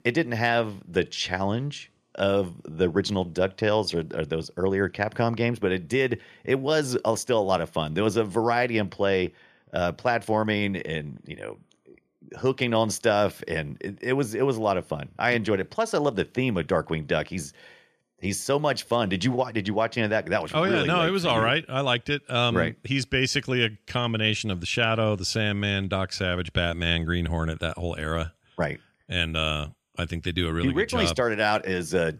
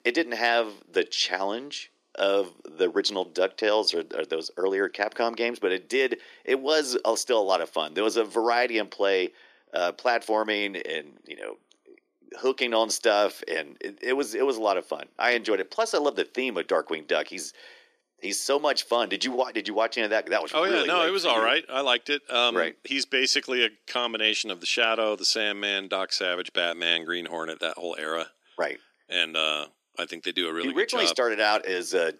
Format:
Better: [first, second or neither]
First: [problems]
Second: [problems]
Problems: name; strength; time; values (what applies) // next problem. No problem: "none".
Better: first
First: none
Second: thin; somewhat; fading below 300 Hz